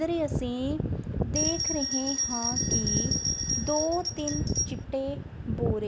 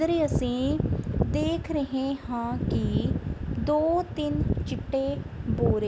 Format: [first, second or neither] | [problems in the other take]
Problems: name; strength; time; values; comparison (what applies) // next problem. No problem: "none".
second | background sound (Bell); 1 dB below the speech